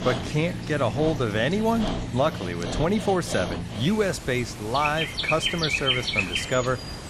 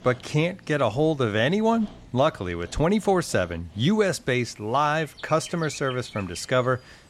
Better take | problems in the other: second | animal sounds; loud; throughout; 3 dB below the speech; faint in the second

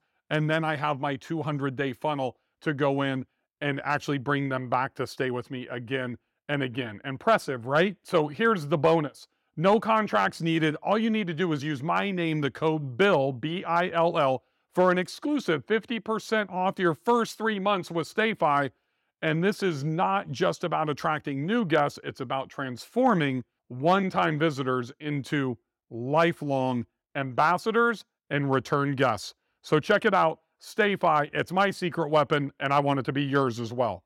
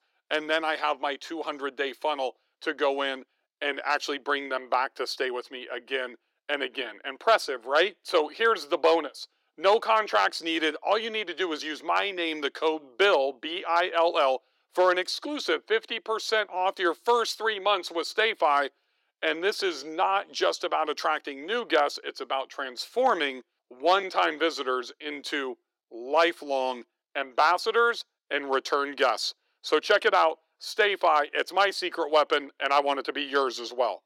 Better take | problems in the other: first | thin; very; fading below 350 Hz

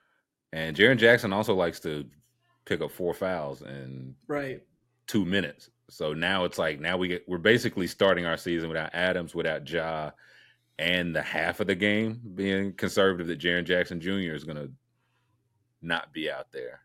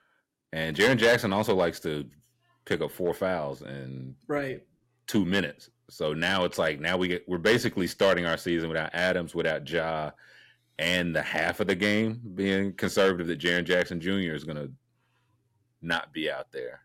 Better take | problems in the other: first | distortion; slight; 1.6% of the sound clipped

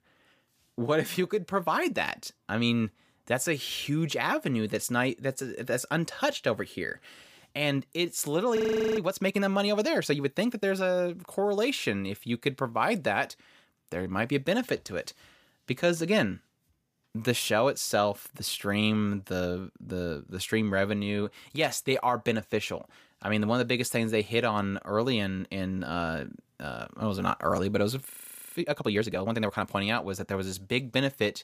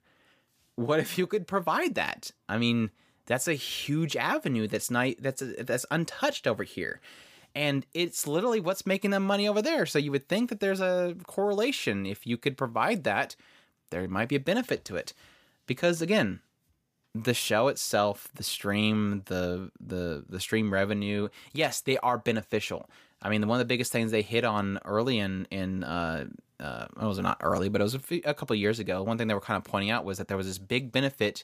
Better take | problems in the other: second | audio freezing; at 8.5 s and at 28 s

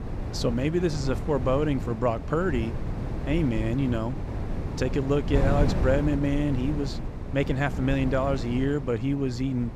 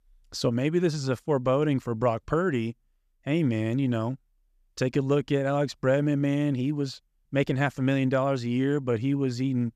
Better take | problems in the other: second | wind noise on the microphone; heavy; 10 dB below the speech

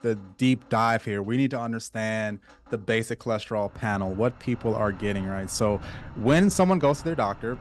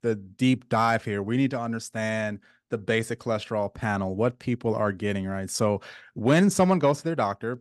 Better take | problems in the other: second | rain or running water; noticeable; throughout; 20 dB below the speech

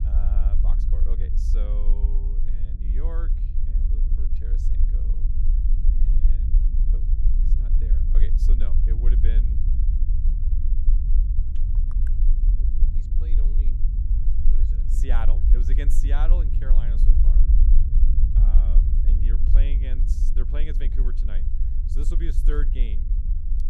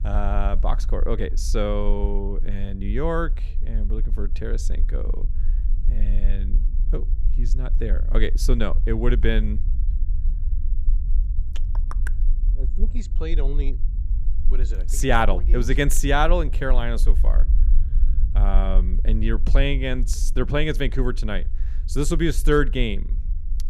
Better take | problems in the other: second | low rumble; loud; throughout; 3 dB below the speech; faint in the second

